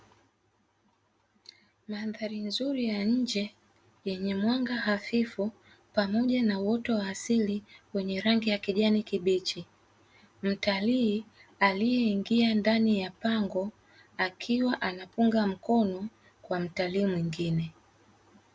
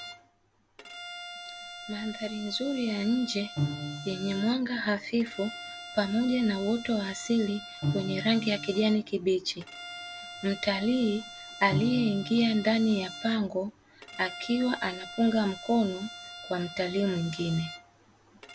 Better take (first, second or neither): first